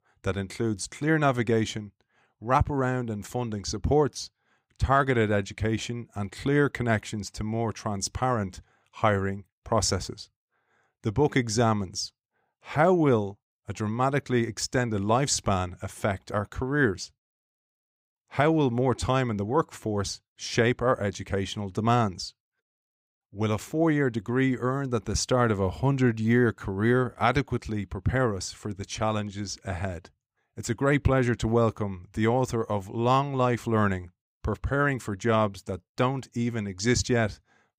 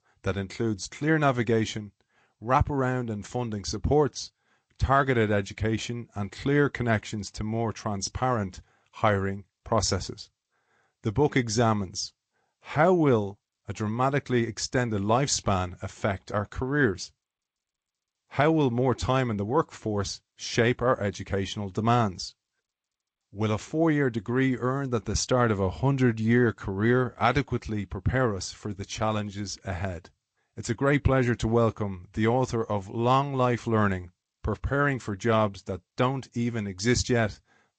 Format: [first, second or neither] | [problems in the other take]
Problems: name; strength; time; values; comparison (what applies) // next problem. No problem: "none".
first | garbled, watery; slightly; nothing above 7.5 kHz